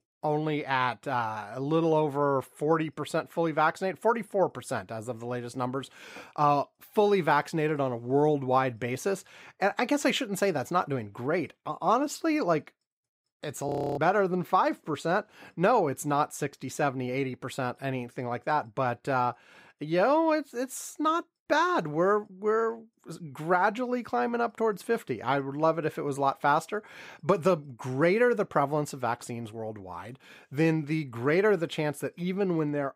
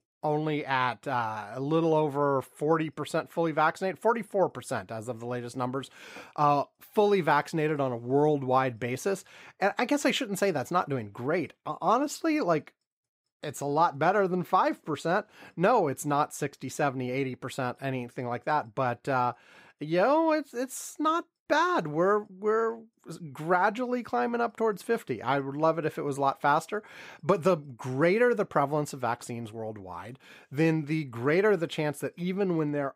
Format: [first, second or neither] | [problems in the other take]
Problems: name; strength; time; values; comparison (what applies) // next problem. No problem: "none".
second | audio freezing; at 14 s